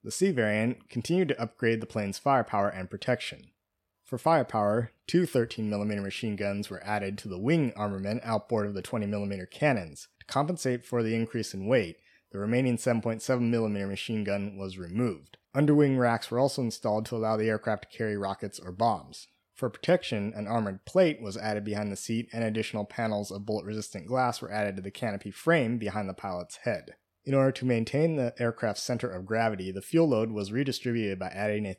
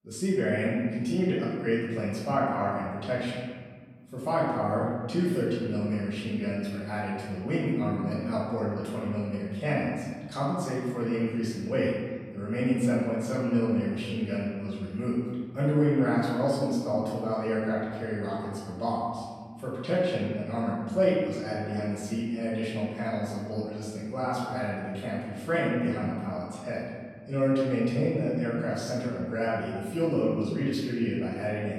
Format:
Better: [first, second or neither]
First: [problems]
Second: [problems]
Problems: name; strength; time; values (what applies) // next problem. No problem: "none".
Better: first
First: none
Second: off-mic speech; far // room echo; strong; dies away in 1.7 s